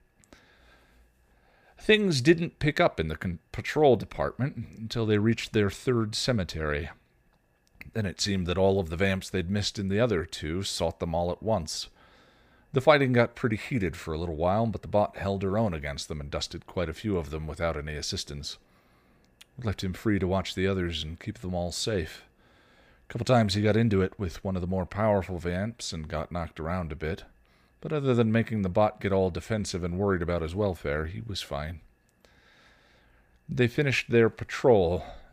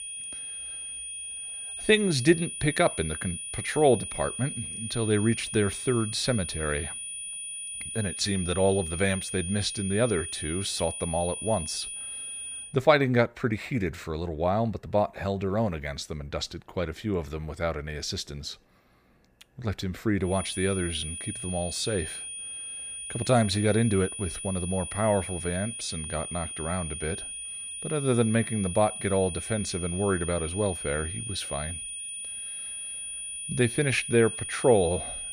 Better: first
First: none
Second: high-pitched whine; loud; until 13 s and from 20 s on; 9.5 kHz, 6 dB below the speech

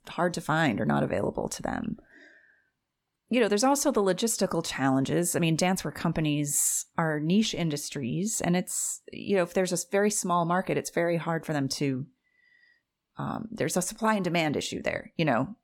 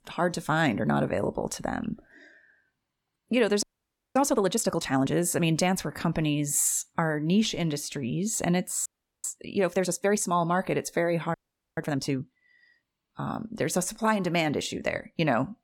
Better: first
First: none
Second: audio freezing; at 3.5 s for 0.5 s, at 9 s and at 11 s

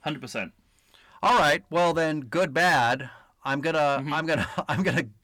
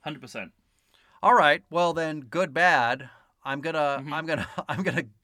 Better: second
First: distortion; heavy; 8 dB below the speech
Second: none

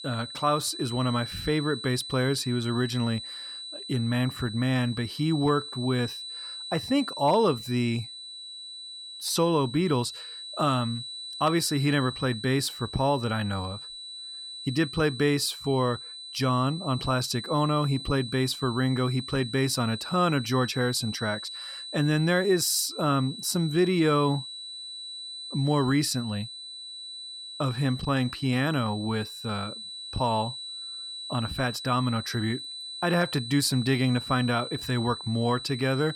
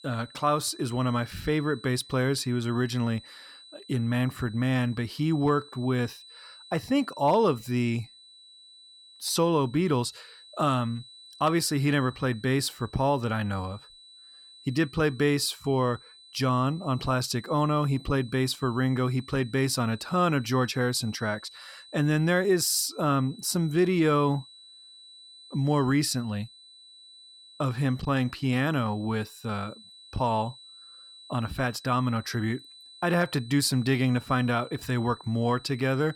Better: second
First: high-pitched whine; loud; throughout; 4 kHz, 10 dB below the speech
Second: high-pitched whine; faint; throughout; 4 kHz, 20 dB below the speech

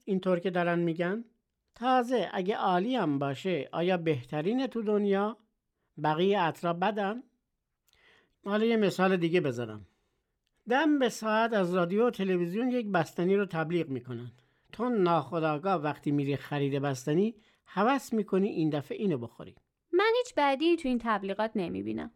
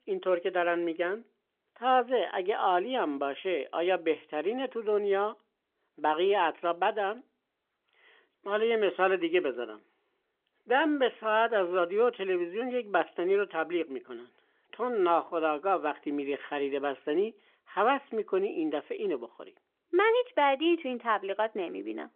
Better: first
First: none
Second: phone-call audio; nothing above 3.5 kHz

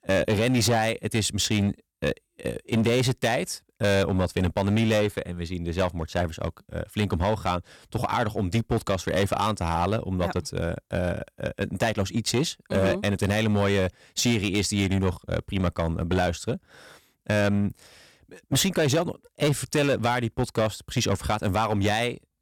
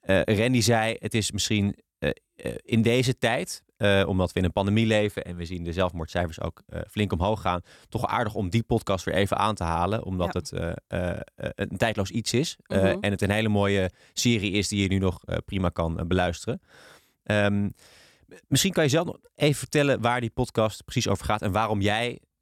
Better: second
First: distortion; slight; 7% of the sound clipped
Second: none

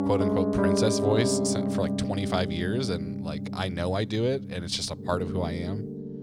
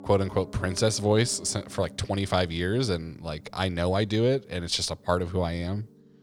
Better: second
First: background music; loud; throughout; as loud as the speech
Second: background music; faint; throughout; 20 dB below the speech

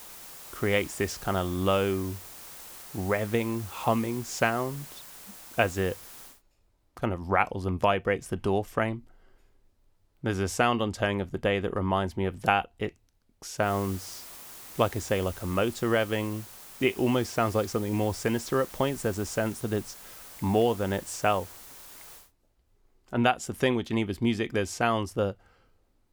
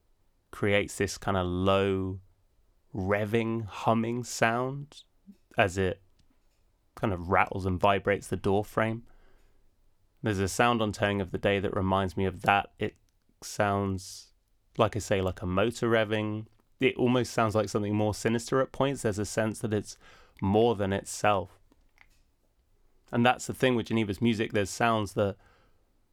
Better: second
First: hiss; noticeable; until 6.5 s and from 14 to 22 s; 15 dB below the speech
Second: none

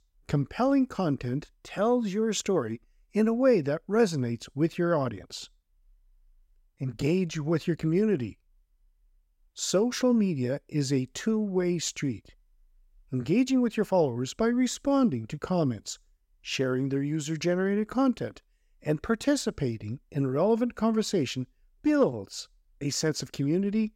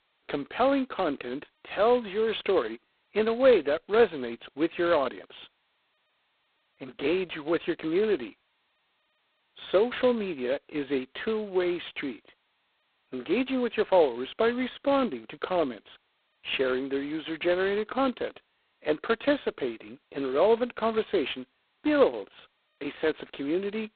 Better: first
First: none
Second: phone-call audio; poor line; nothing above 4 kHz

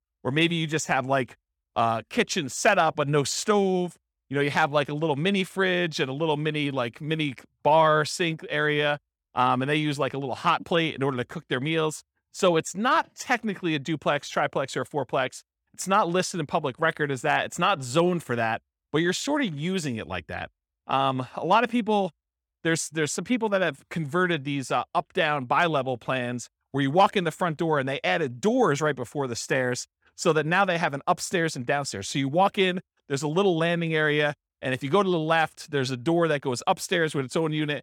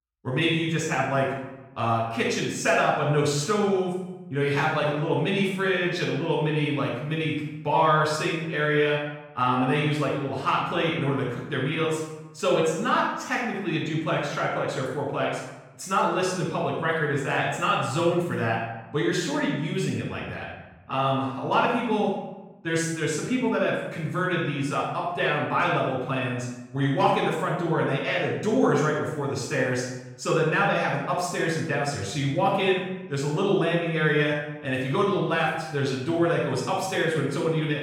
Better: first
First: none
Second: off-mic speech; far // room echo; noticeable; dies away in 0.8 s

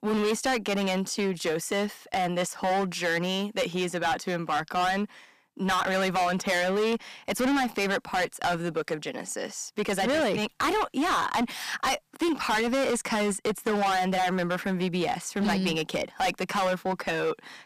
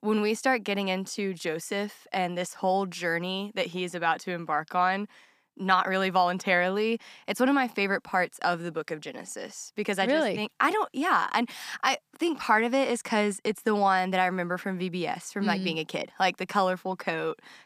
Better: second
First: distortion; heavy; 16% of the sound clipped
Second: none

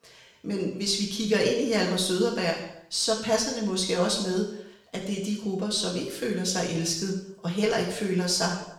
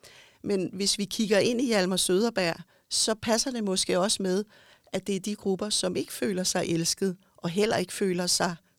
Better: second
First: room echo; noticeable; dies away in 0.7 s // off-mic speech; far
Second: none

